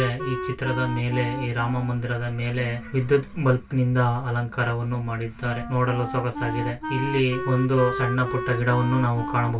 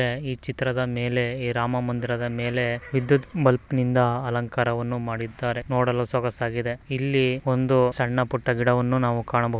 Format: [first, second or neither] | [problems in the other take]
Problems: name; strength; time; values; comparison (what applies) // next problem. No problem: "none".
second | background sound (Wind instrument, woodwind instrument); 9 dB below the speech // room echo; dies away in 0.2 s